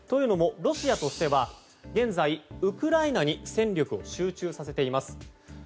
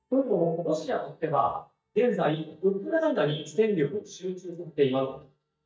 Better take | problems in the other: first | noise reduction (neural mask model DeepFilterNet 3)

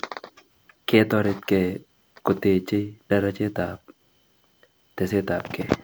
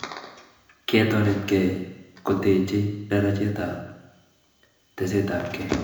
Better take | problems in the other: first | room echo; dies away in 0.9 s

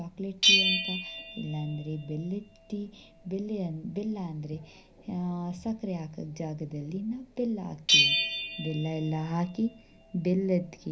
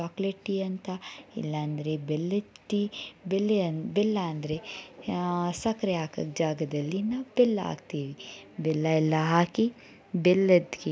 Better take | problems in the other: second | background sound (Bell); as loud as the speech // room echo; dies away in 0.5 s

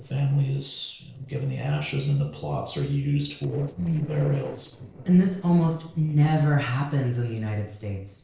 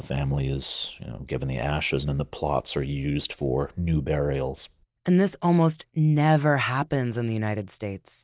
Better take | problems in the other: second | noise reduction (neural separator model SepFormer DNS4)

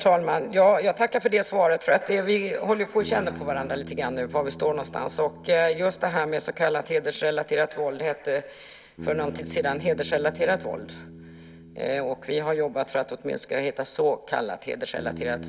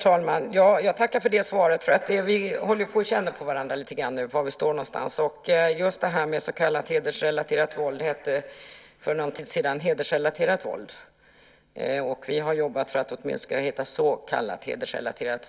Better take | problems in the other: second | background sound (Bass guitar); 17 dB below the speech

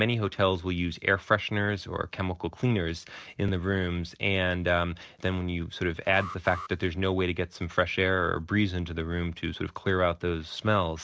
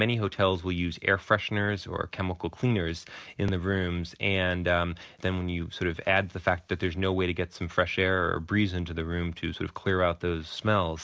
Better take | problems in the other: second | noise reduction (neural separator model SepFormer DNS4)

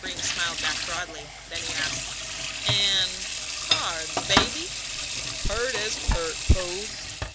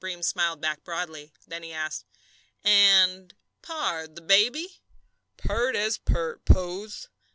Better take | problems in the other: second | background sound (Sink (filling or washing) / Water tap, faucet); 1 dB below the speech

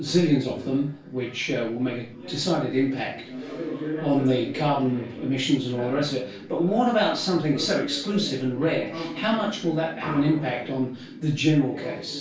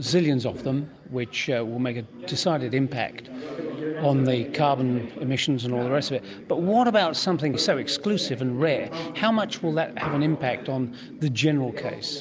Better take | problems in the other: second | room echo; dies away in 0.3 s

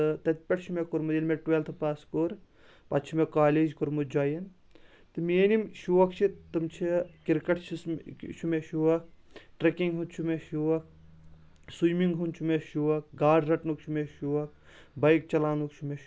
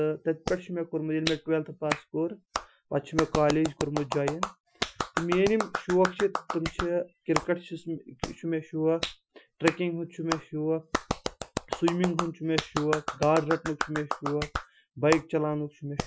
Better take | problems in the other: first | noise reduction (classical method Wiener filter)

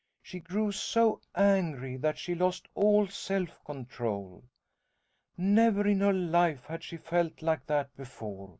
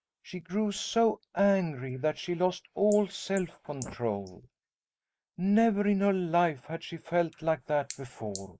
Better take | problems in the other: first | noise reduction (neural mask model Resemble Enhance denoiser)

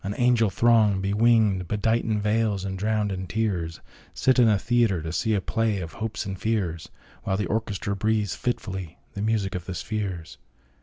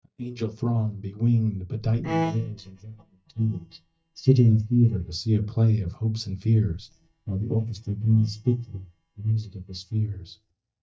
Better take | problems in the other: first | noise reduction (neural mask model DeepFilterNet 3)

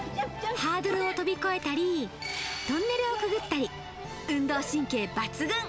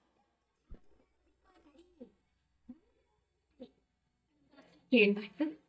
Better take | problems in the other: first | noise reduction (neural mask model DeepFilterNet 3)

